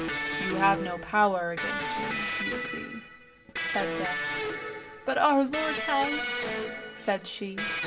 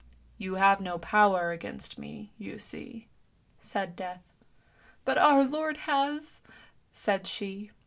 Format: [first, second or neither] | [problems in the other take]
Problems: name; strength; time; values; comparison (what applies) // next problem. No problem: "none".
second | background sound (Electric guitar); 3 dB below the speech